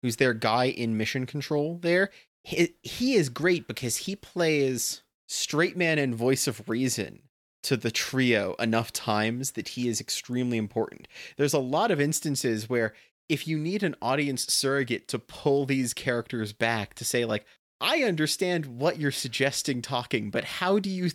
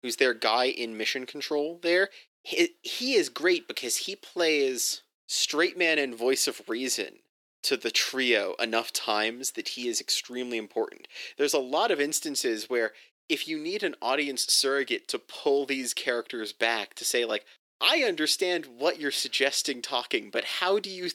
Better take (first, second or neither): first